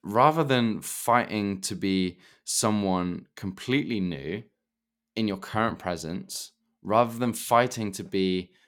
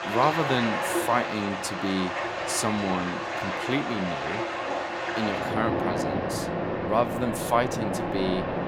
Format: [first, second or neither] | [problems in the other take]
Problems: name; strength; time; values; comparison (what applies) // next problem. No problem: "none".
first | rain or running water; loud; throughout; as loud as the speech